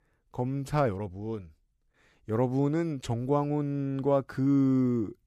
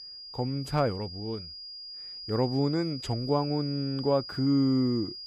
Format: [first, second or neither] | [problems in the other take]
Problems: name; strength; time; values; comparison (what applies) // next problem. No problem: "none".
first | high-pitched whine; noticeable; throughout; 5 kHz, 10 dB below the speech